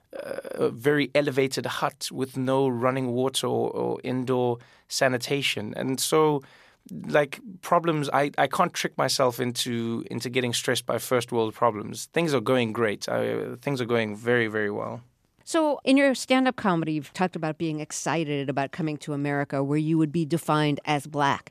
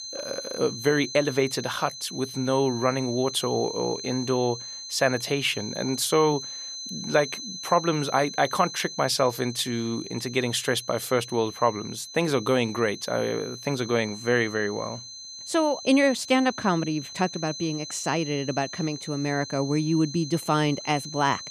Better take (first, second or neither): first